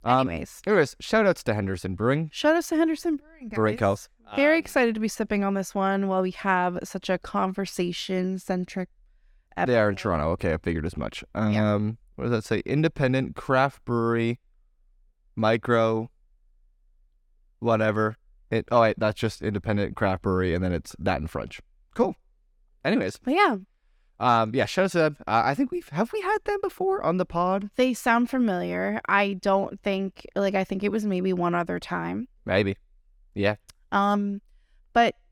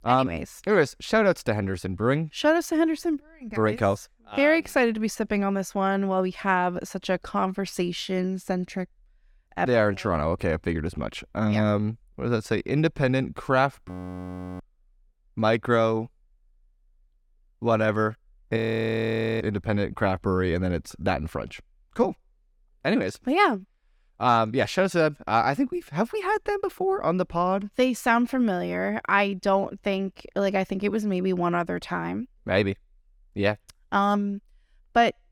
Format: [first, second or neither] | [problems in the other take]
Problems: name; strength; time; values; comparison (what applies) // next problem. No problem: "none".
first | audio freezing; at 14 s for 0.5 s and at 19 s for 1 s